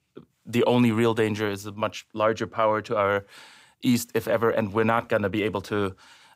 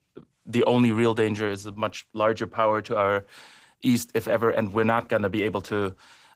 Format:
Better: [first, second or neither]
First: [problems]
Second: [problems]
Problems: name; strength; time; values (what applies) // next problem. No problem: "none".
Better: first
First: none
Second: garbled, watery; slightly; nothing above 15.5 kHz